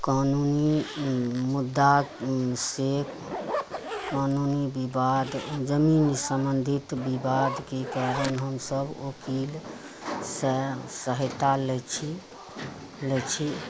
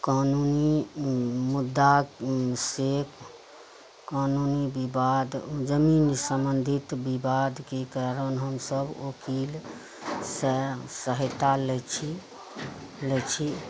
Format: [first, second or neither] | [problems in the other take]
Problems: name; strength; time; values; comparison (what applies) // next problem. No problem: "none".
second | background sound (Zipper (clothing)); 12 dB below the speech